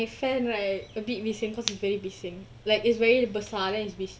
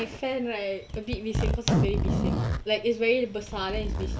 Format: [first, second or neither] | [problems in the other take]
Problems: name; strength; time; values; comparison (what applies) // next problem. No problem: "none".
first | background sound (Zipper (clothing)); 1 dB above the speech